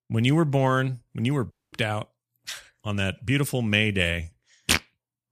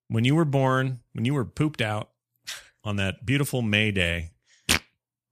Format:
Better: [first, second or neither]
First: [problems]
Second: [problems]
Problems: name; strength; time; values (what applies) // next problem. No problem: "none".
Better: second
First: audio cutting out; at 1.5 s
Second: none